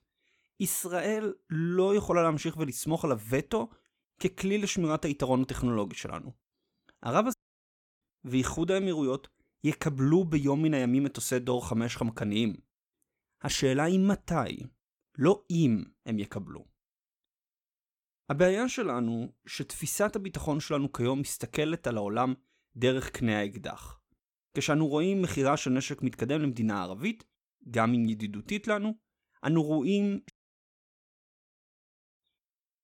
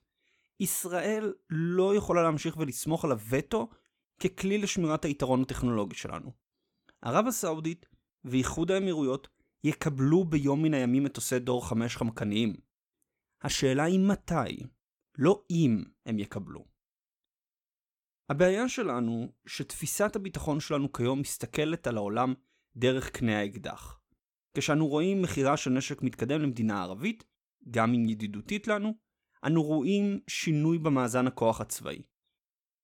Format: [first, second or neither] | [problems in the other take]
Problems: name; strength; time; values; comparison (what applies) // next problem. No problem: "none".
second | audio cutting out; at 7.5 s for 0.5 s and at 30 s for 2 s